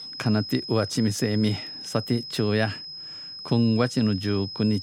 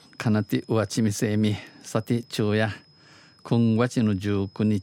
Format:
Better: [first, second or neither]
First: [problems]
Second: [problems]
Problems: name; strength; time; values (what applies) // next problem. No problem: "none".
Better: second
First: high-pitched whine; loud; throughout; 5 kHz, 10 dB below the speech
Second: high-pitched whine; faint; throughout; 5 kHz, 30 dB below the speech